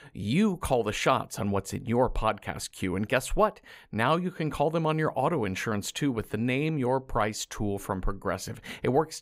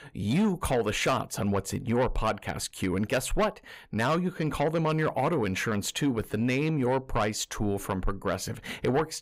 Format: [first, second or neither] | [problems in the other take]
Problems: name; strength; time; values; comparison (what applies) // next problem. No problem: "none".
first | distortion; slight; 10 dB below the speech